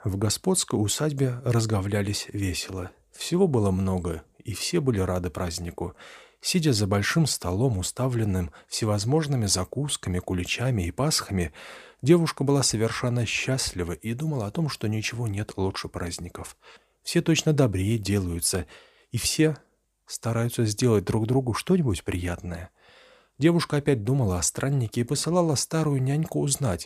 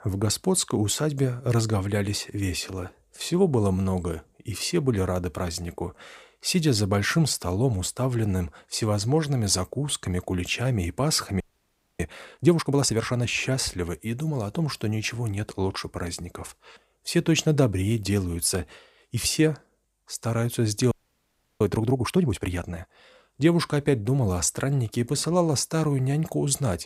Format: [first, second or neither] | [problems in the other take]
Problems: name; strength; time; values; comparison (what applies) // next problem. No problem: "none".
first | audio freezing; at 11 s for 0.5 s and at 21 s for 0.5 s